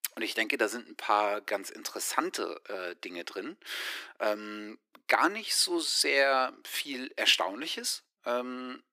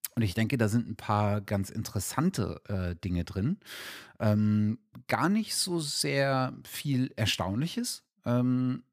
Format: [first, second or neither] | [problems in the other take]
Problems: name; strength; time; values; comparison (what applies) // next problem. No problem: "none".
second | thin; very; fading below 350 Hz